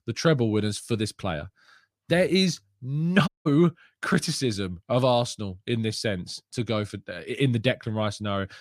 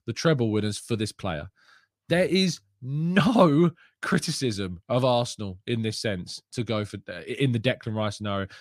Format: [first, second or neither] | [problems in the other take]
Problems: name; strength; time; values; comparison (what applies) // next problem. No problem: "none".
second | audio cutting out; at 3.5 s